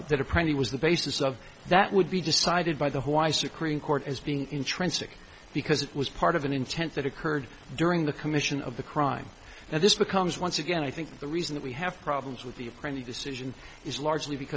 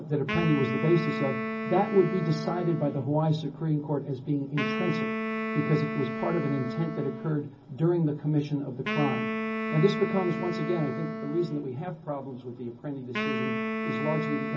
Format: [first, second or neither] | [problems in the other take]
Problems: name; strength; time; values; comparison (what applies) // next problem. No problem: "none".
first | background sound (Wind instrument, woodwind instrument); 4 dB below the speech // room echo; dies away in 0.4 s